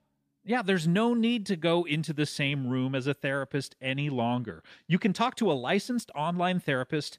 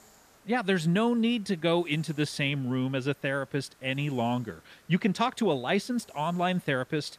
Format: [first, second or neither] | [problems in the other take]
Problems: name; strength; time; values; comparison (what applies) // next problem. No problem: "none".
first | hiss; faint; throughout; 30 dB below the speech